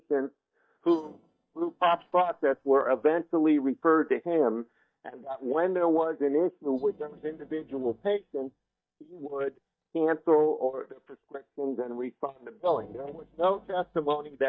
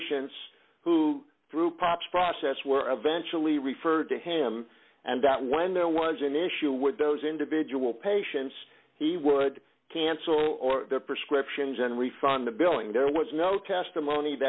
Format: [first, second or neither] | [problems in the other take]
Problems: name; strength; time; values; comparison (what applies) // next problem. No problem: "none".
second | noise reduction (neural mask model DeepFilterNet 3)